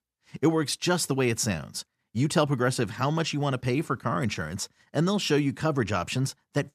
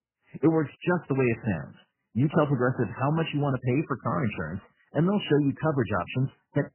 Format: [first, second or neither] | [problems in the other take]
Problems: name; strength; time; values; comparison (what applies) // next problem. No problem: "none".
first | garbled, watery; badly; nothing above 3 kHz